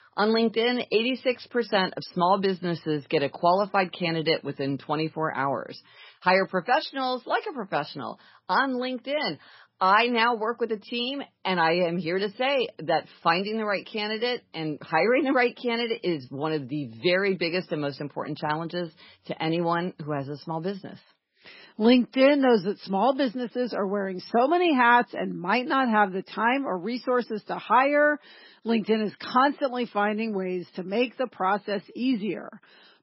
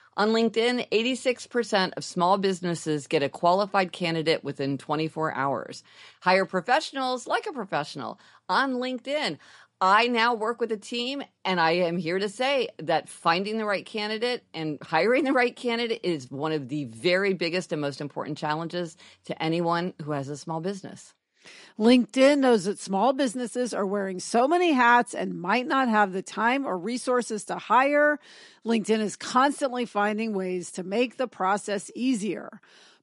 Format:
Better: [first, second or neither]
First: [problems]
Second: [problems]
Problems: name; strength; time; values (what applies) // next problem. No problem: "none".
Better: second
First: garbled, watery; badly; nothing above 5 kHz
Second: garbled, watery; slightly; nothing above 11 kHz